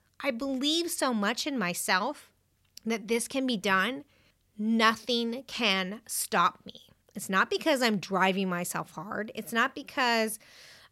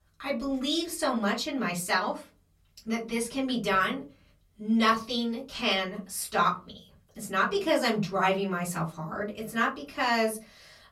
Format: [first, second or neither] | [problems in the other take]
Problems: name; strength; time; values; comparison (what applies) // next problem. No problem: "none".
first | off-mic speech; far // room echo; very slight; dies away in 0.3 s